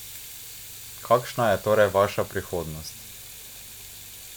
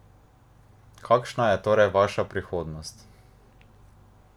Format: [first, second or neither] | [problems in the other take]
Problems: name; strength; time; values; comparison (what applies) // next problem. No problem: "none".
second | background sound (Sink (filling or washing) / Water tap, faucet); 15 dB below the speech